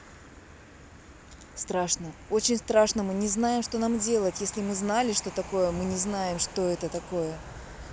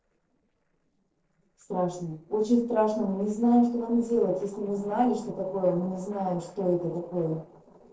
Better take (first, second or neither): first